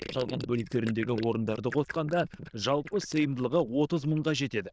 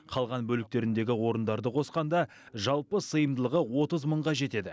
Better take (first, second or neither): second